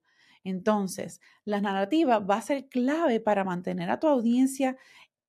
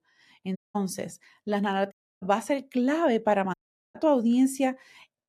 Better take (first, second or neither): first